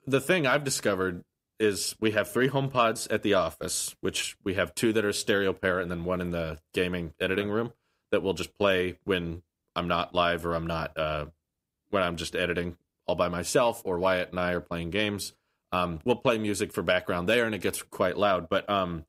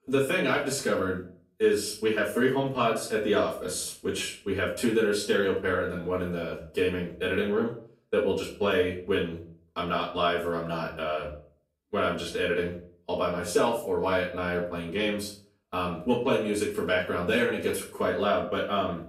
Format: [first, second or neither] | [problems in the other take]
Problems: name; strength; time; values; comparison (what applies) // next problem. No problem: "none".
first | off-mic speech; far // room echo; slight; dies away in 0.4 s